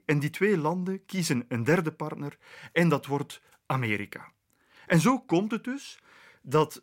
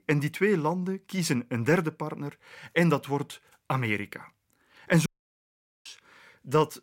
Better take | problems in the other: first | audio cutting out; at 5 s for 1 s

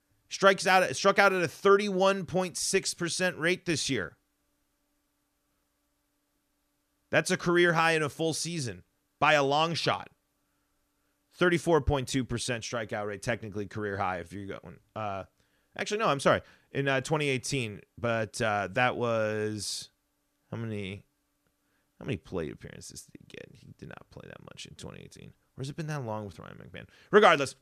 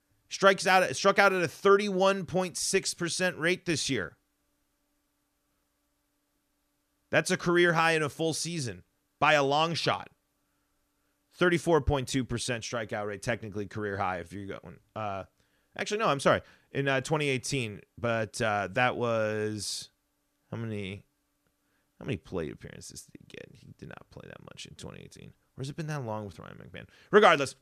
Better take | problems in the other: neither | none

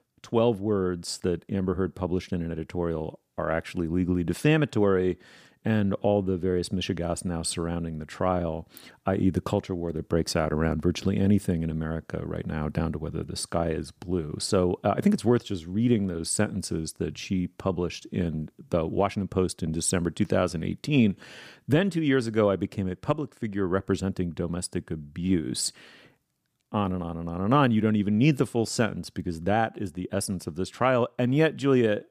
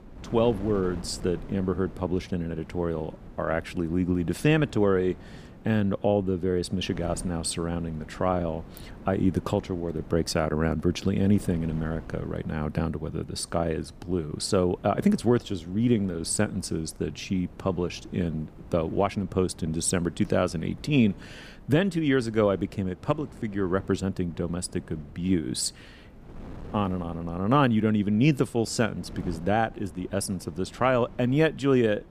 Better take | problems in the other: first | wind noise on the microphone; occasional gusts; 20 dB below the speech

